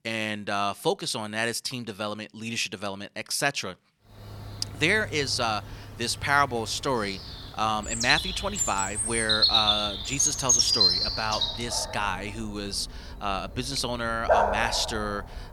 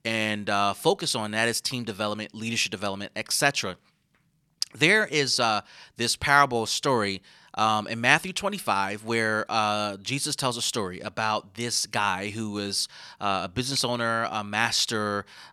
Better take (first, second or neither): second